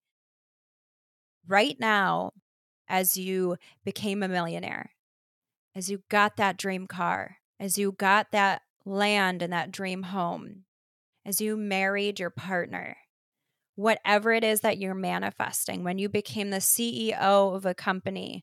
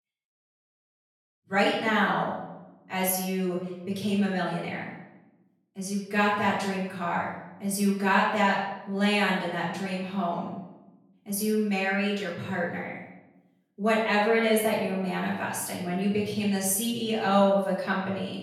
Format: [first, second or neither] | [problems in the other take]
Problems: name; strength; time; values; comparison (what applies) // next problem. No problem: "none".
first | off-mic speech; far // room echo; noticeable; dies away in 0.8 s